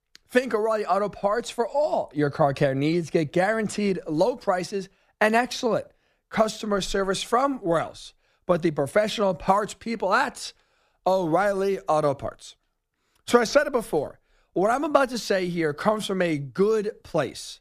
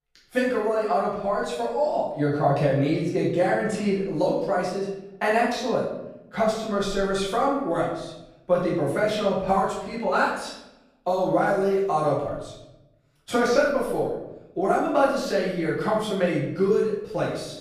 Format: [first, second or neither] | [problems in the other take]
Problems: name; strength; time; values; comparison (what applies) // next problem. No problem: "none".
first | room echo; noticeable; dies away in 0.8 s // off-mic speech; far